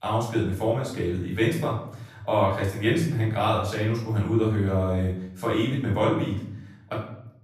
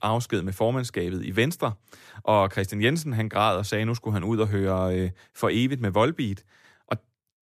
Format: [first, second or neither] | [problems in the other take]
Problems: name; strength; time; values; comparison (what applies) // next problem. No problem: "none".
second | off-mic speech; far // room echo; noticeable; dies away in 0.7 s